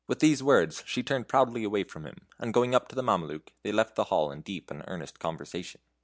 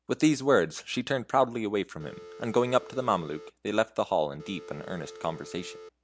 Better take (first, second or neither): first